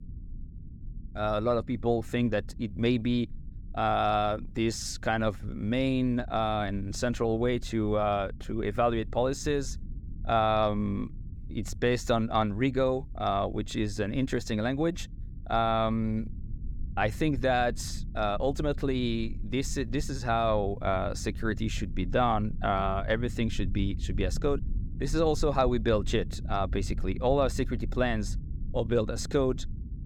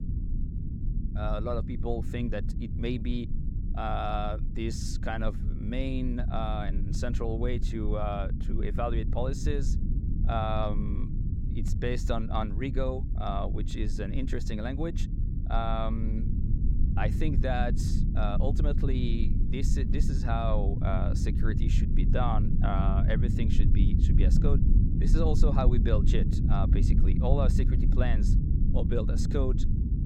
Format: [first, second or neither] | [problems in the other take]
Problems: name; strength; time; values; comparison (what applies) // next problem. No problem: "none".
first | low rumble; loud; throughout; 7 dB below the speech; faint in the first